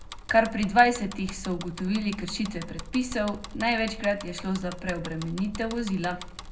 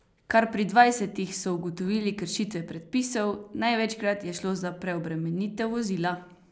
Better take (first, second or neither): second